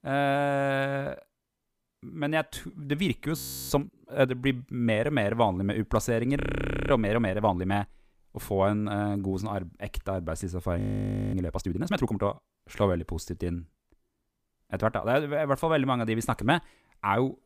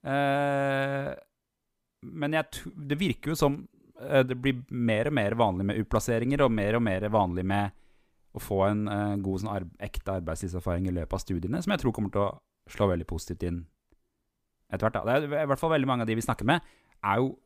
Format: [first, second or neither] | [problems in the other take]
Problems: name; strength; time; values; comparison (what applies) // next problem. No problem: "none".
second | audio freezing; at 3.5 s, at 6.5 s for 0.5 s and at 11 s for 0.5 s